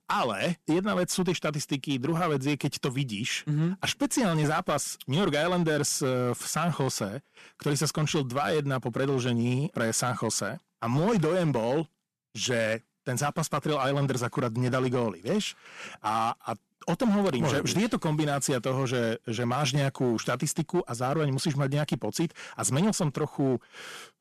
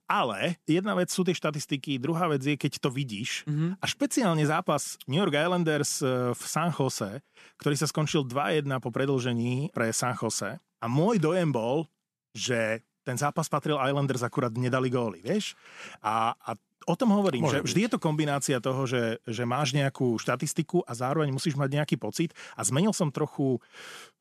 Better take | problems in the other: second | distortion; slight; 8% of the sound clipped

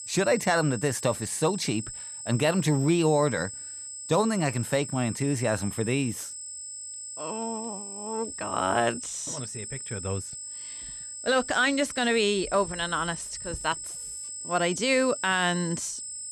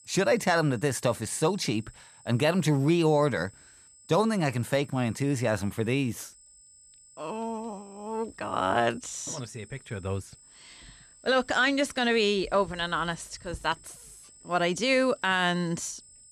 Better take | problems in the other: second | high-pitched whine; loud; throughout; 8 kHz, 8 dB below the speech; faint in the second

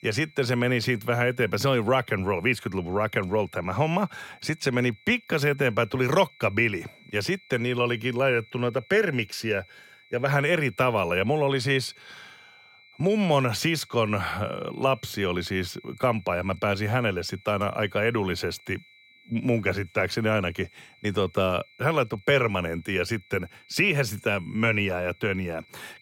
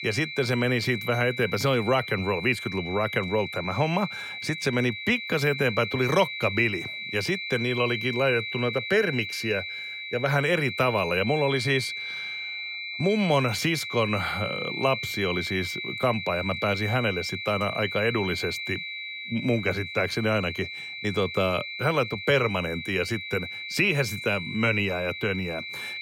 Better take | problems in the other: first | high-pitched whine; loud; throughout; 2.5 kHz, 6 dB below the speech; faint in the first

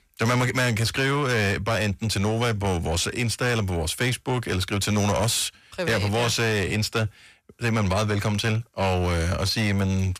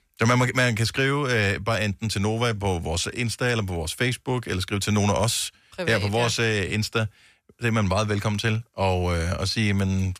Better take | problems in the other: second | distortion; slight; 10 dB below the speech

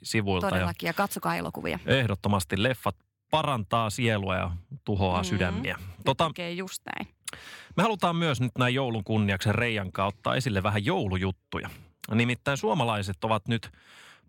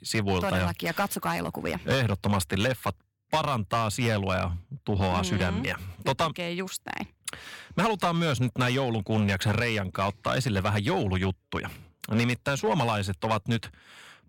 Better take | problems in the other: first | distortion; slight; 6% of the sound clipped

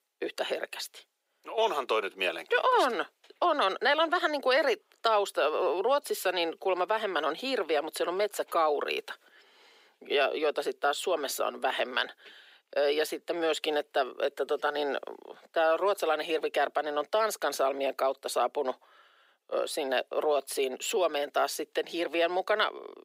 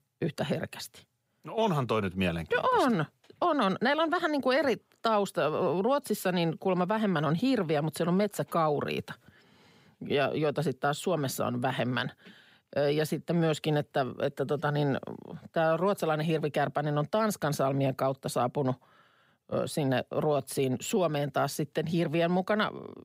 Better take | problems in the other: second | thin; very; fading below 350 Hz

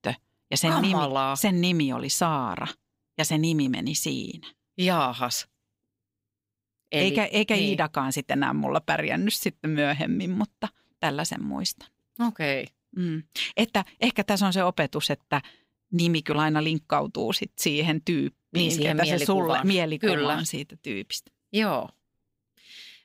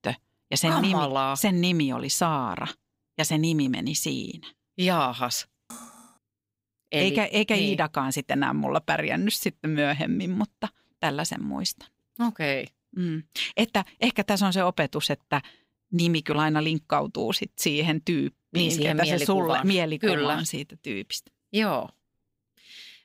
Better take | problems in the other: first | clattering dishes; faint; at 5.5 s; peak 15 dB below the speech

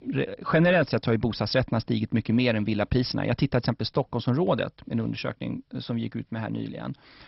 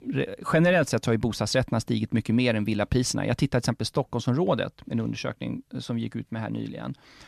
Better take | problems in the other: second | garbled, watery; badly; nothing above 5.5 kHz

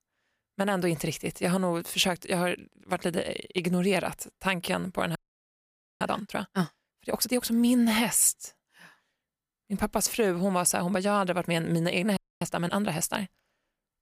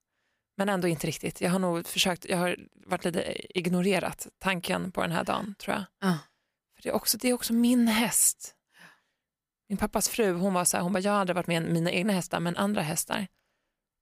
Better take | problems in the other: second | audio freezing; at 5 s for 1 s and at 12 s

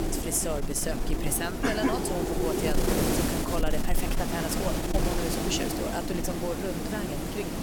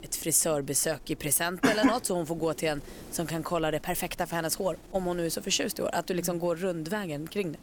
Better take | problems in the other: second | wind noise on the microphone; heavy; as loud as the speech; occasional gusts in the second

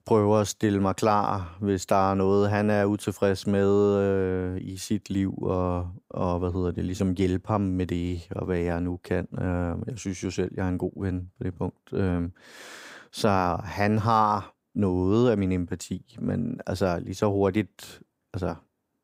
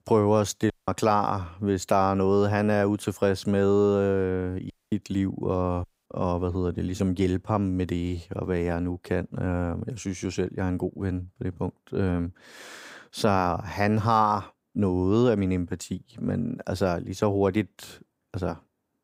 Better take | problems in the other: first | audio cutting out; at 0.5 s, at 4.5 s and at 6 s

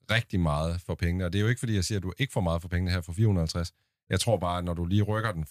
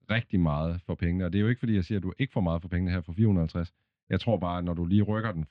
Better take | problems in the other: first | muffled; slightly; fading above 3 kHz

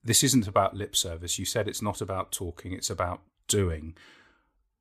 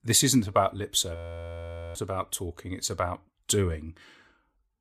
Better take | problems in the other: first | audio freezing; at 1 s for 1 s

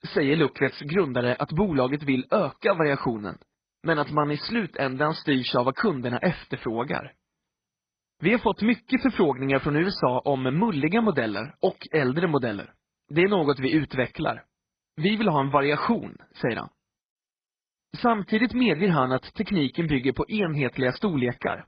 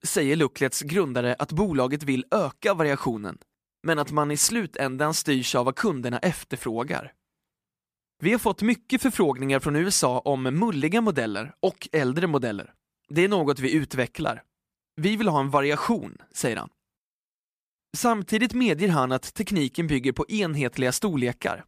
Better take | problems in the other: second | garbled, watery; badly; nothing above 5 kHz

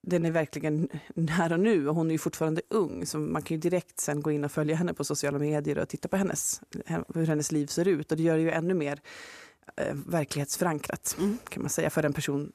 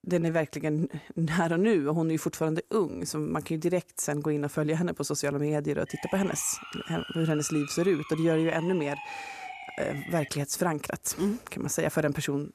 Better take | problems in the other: first | siren; noticeable; from 6 to 10 s; peak 10 dB below the speech

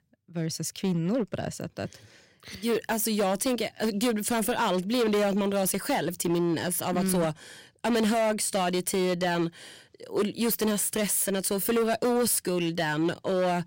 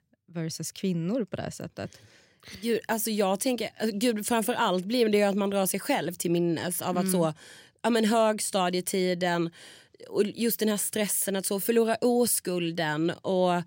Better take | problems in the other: second | distortion; slight; 11% of the sound clipped

